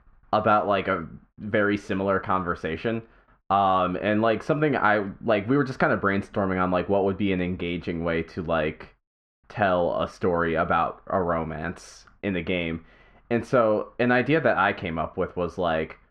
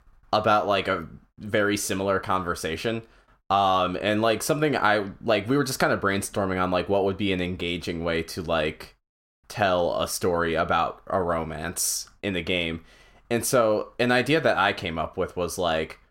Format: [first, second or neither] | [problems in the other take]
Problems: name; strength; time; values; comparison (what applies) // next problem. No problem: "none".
second | muffled; very; fading above 2 kHz